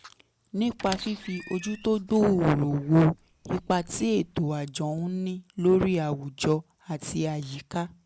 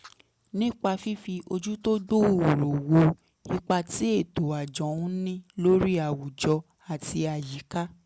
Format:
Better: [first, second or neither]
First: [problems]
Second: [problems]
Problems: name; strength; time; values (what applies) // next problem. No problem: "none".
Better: second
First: background sound (Squeak); 18 dB below the speech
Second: none